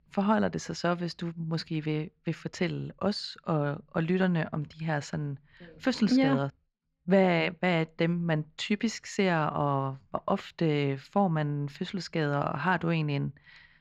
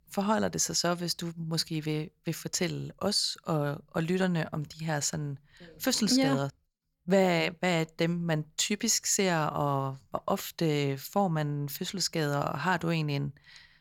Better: second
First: muffled; slightly; fading above 2.5 kHz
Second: none

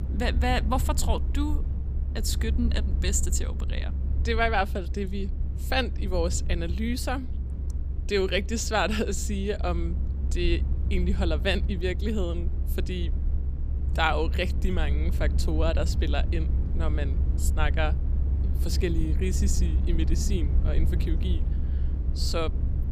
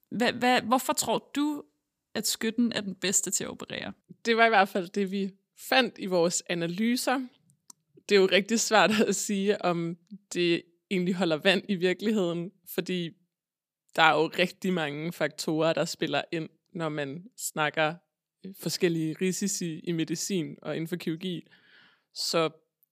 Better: second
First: low rumble; noticeable; throughout; 15 dB below the speech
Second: none

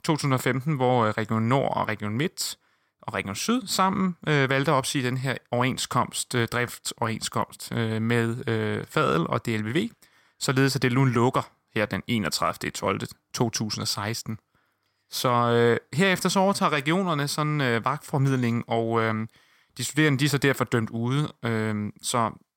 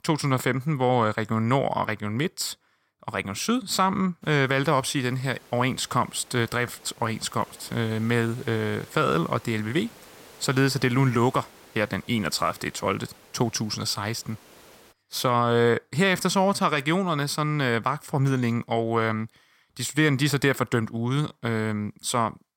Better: first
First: none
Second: hiss; faint; from 4 to 15 s; 25 dB below the speech

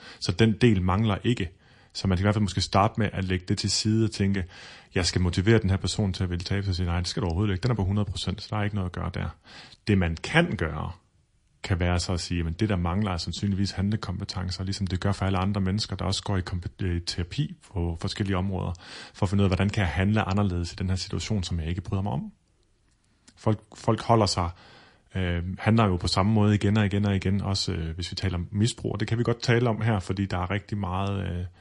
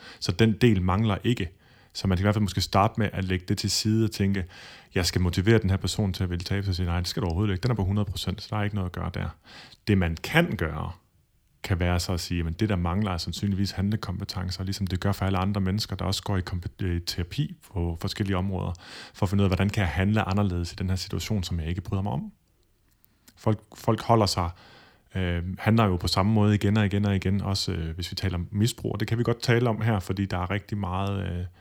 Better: second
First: garbled, watery; slightly; nothing above 10.5 kHz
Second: none

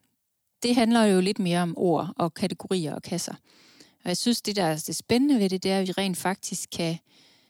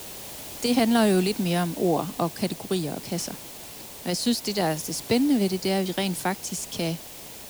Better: first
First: none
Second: hiss; noticeable; throughout; 10 dB below the speech

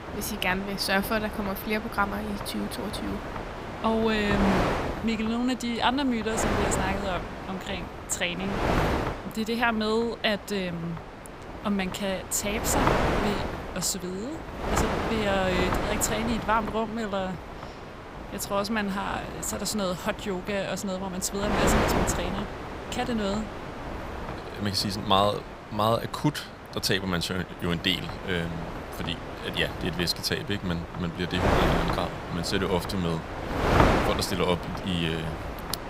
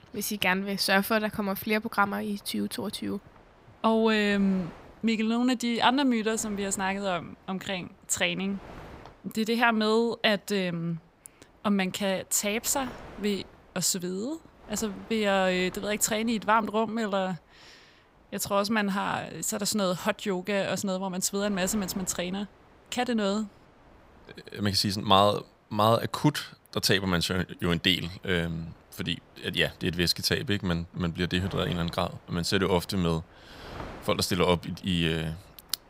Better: second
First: wind noise on the microphone; heavy; 3 dB below the speech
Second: wind noise on the microphone; occasional gusts; 25 dB below the speech

